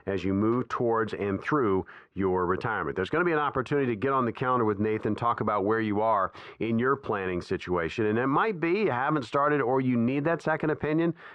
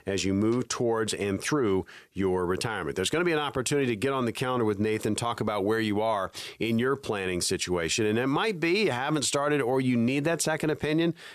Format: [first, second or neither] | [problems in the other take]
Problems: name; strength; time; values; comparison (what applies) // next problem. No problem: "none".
second | muffled; very; fading above 2 kHz